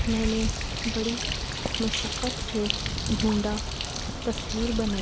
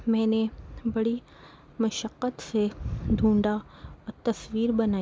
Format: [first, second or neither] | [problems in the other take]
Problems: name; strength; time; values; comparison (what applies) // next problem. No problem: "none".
second | background sound (Bird); as loud as the speech